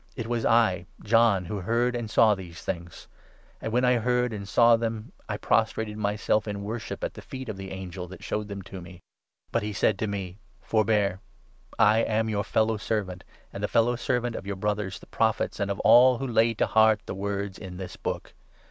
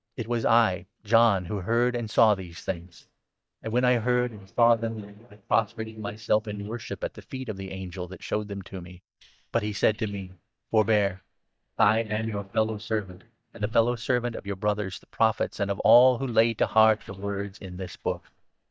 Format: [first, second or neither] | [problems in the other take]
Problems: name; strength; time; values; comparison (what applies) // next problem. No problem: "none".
first | noise reduction (neural mask model DeepFilterNet 3)